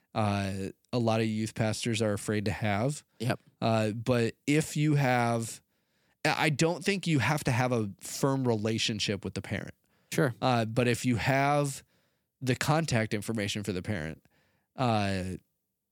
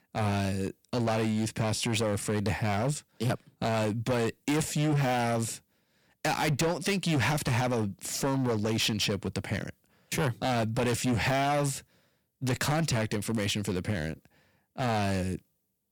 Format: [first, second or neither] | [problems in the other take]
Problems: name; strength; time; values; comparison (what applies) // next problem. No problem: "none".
first | distortion; heavy; 14% of the sound clipped